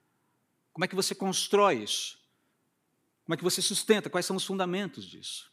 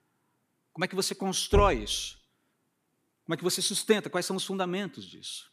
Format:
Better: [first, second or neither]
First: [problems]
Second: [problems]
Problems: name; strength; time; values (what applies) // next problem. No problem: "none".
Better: first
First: none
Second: door banging; noticeable; at 1.5 s; peak 2 dB below the speech